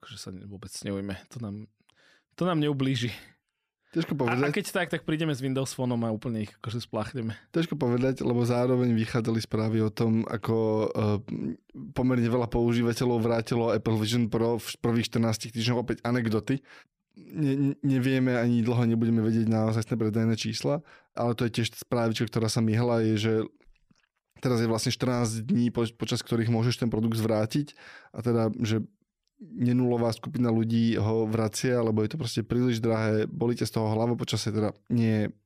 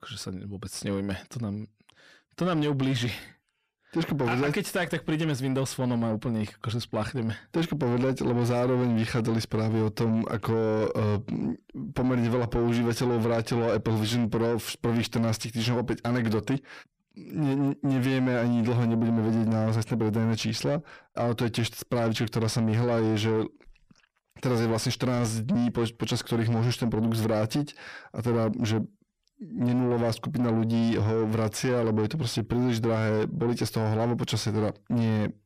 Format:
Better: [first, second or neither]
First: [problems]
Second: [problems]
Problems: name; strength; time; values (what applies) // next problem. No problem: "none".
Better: first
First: none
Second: distortion; slight; 10 dB below the speech